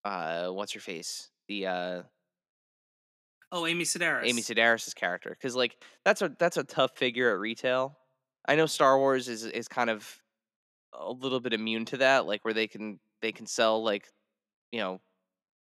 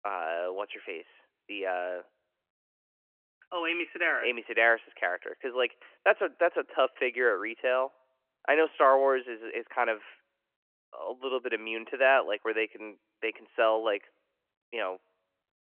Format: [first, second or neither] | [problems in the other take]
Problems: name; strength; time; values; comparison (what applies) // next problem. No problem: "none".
first | phone-call audio; nothing above 3 kHz